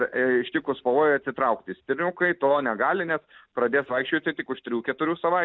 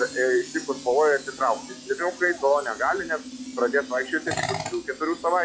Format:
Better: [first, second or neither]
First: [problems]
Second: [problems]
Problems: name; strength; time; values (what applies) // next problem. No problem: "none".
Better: first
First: none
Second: noise reduction (classical method log-MMSE)